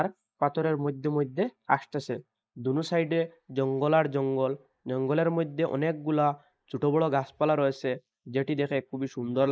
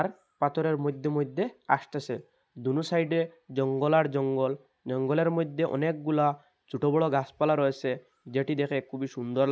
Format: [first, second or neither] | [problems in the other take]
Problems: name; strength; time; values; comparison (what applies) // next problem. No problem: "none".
second | noise reduction (neural mask model Resemble Enhance denoiser)